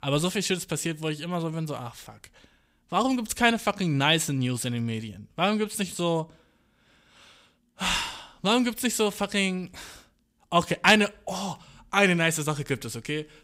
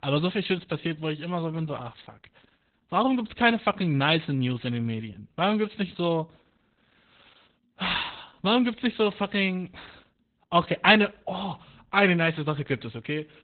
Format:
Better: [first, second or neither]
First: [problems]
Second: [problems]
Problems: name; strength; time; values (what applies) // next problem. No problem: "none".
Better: first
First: none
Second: garbled, watery; badly; nothing above 4 kHz